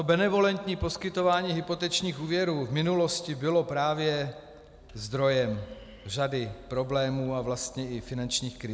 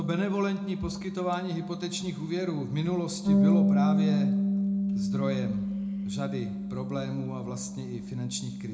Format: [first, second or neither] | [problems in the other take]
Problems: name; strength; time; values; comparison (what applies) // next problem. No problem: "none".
first | background sound (Bass guitar); 4 dB above the speech // room echo; dies away in 0.4 s